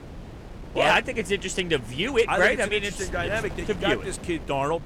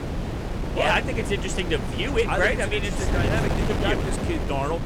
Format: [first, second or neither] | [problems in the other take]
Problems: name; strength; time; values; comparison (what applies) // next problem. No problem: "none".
first | wind noise on the microphone; heavy; 6 dB below the speech; occasional gusts in the first